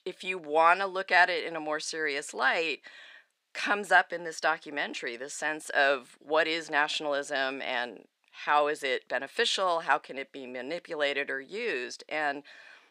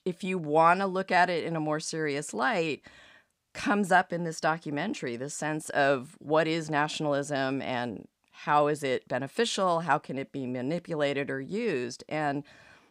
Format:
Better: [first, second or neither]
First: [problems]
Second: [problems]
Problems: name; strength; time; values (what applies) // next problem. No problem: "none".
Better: second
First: thin; somewhat; fading below 450 Hz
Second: none